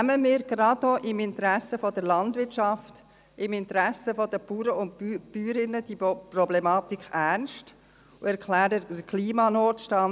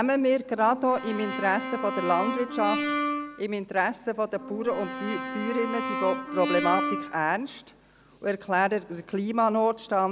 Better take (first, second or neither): first